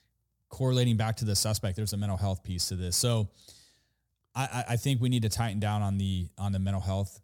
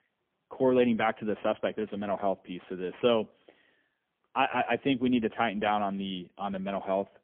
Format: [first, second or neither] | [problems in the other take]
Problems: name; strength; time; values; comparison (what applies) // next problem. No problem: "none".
first | phone-call audio; poor line; nothing above 3.5 kHz